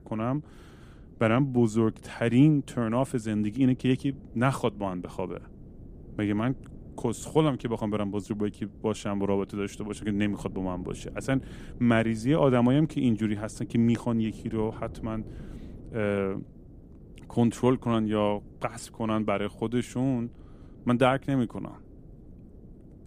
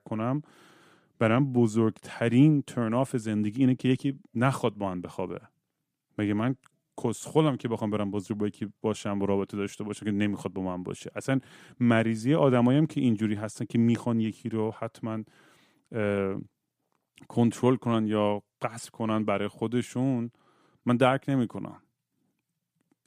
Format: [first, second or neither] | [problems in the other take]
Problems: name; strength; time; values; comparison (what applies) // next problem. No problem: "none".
second | wind noise on the microphone; occasional gusts; 25 dB below the speech